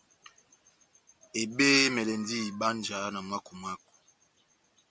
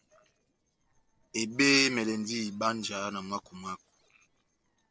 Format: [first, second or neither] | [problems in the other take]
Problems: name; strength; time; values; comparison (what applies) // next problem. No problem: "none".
first | noise reduction (neural separator model SepFormer DNS4)